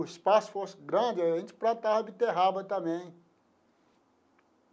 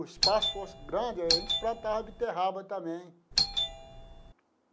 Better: first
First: none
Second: background sound (Doorbell); 2 dB above the speech

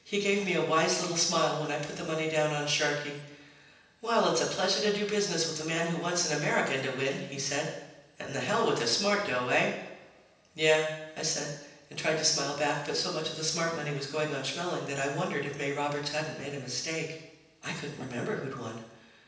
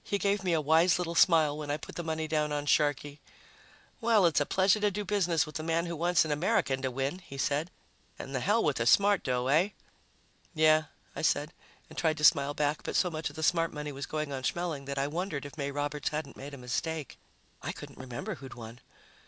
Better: second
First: room echo; dies away in 0.9 s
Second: none

